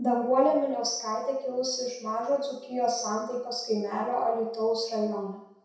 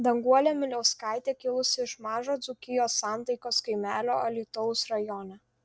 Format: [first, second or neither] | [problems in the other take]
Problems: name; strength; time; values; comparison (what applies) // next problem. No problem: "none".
second | room echo; dies away in 0.7 s